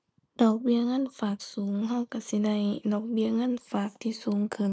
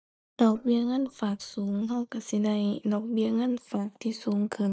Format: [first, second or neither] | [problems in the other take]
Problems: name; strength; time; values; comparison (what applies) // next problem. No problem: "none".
first | noise reduction (neural mask model DeepFilterNet 3)